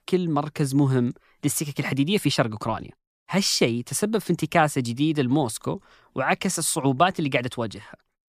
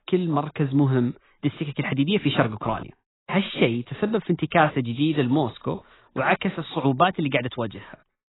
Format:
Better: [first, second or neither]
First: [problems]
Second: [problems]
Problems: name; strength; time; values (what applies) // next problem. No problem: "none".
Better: first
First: none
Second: garbled, watery; badly; nothing above 4 kHz